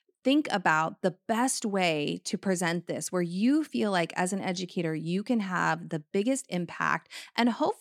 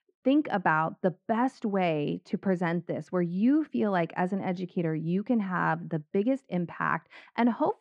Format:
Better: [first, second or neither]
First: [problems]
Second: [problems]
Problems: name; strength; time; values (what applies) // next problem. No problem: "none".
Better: first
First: none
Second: muffled; very; fading above 1.5 kHz